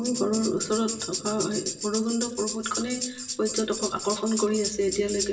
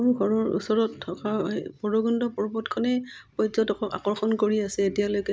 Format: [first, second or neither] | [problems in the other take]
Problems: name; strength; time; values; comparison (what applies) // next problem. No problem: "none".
second | background sound (Tambourine); 6 dB below the speech // room echo; dies away in 1 s